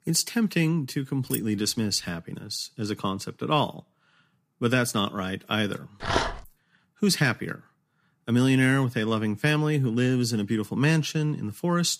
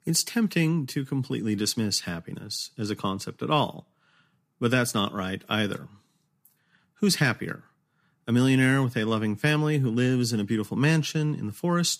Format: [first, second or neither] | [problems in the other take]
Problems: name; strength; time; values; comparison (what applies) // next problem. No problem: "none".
second | jangling keys; noticeable; at 1.5 s; peak 8 dB below the speech // dog barking; noticeable; at 6 s; peak 1 dB below the speech